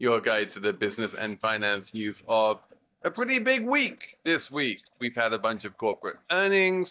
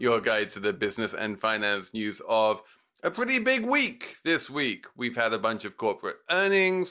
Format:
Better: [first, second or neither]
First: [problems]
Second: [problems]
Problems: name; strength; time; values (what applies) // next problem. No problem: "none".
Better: second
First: noise reduction (neural mask model DeepFilterNet 3)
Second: none